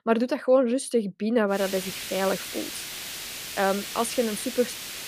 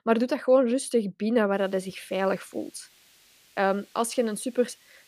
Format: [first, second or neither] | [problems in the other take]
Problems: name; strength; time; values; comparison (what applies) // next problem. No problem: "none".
second | hiss; loud; from 1.5 s on; 7 dB below the speech; faint in the second